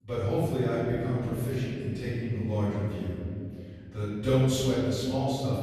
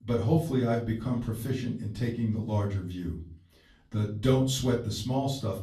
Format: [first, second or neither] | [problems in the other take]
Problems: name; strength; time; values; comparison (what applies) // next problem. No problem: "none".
second | room echo; strong; dies away in 2.6 s; slight in the second // off-mic speech; far; far in the second